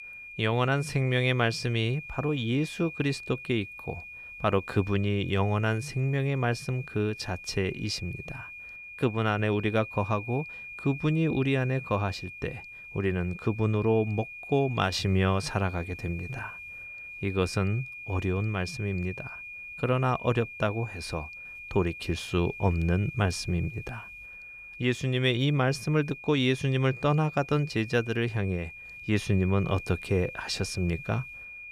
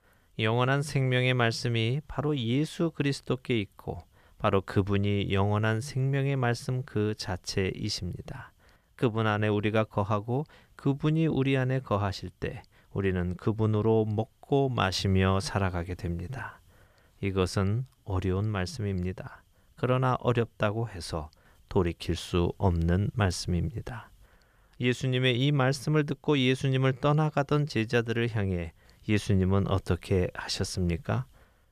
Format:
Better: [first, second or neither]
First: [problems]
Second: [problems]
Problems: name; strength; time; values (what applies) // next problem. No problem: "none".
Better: second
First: high-pitched whine; noticeable; throughout; 2.5 kHz, 10 dB below the speech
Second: none